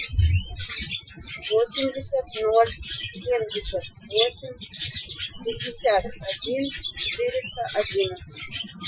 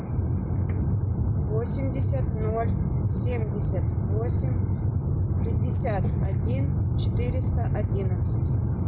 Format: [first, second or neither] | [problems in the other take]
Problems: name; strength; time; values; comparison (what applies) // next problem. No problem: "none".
second | noise reduction (classical method Wiener filter)